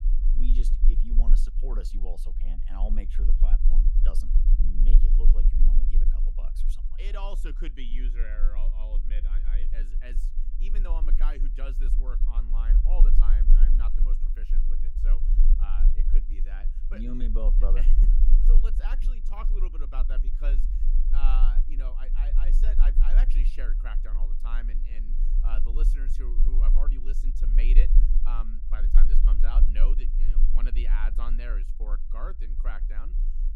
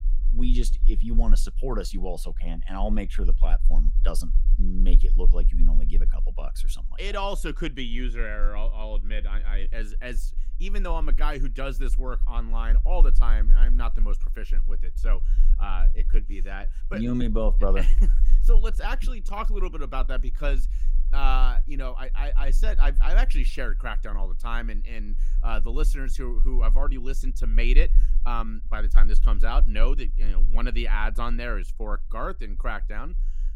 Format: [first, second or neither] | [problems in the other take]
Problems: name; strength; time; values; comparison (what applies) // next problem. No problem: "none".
second | low rumble; loud; throughout; 8 dB below the speech; faint in the second